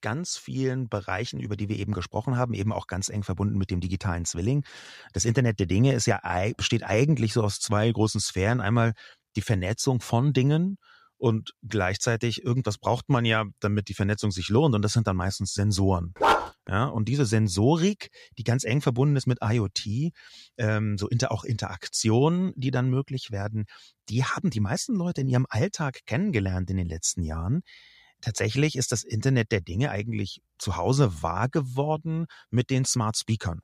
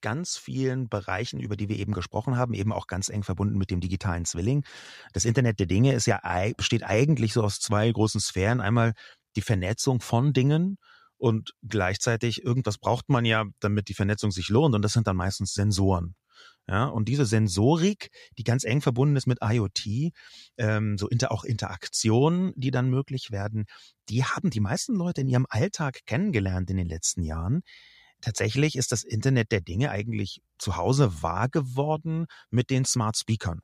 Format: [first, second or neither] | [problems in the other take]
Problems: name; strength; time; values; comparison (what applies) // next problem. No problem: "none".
second | dog barking; loud; at 16 s; peak 4 dB above the speech